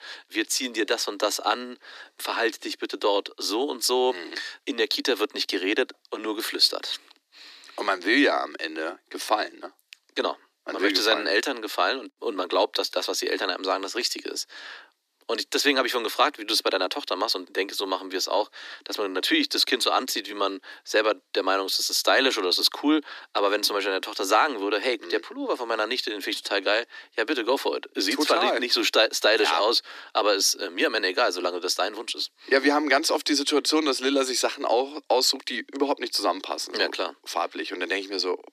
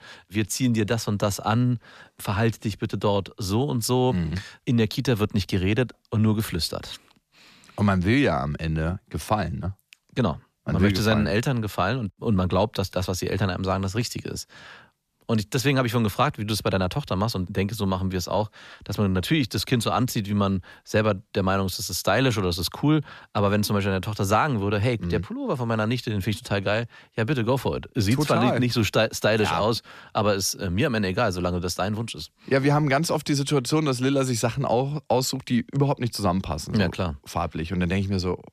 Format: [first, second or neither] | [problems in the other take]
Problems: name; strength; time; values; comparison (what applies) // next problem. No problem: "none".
second | thin; somewhat; fading below 300 Hz